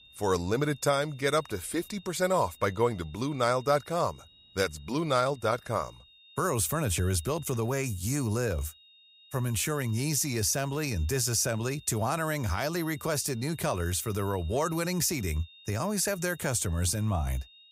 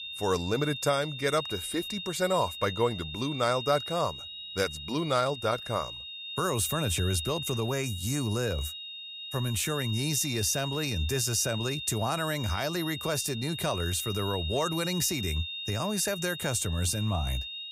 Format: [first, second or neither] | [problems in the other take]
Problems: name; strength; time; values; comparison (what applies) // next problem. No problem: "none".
first | high-pitched whine; loud; throughout; 3.5 kHz, 7 dB below the speech; faint in the first